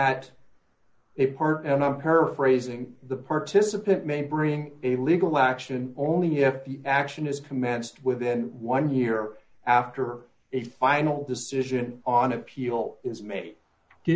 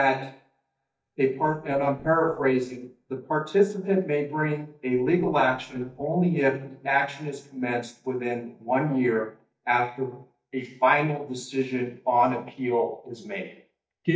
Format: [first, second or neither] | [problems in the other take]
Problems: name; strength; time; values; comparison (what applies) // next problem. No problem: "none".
first | noise reduction (neural mask model DeepFilterNet 3)